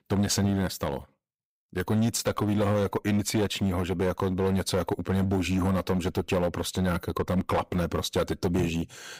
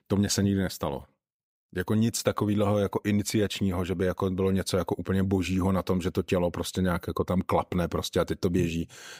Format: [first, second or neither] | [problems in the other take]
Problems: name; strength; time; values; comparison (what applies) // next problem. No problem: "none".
second | distortion; slight; 10% of the sound clipped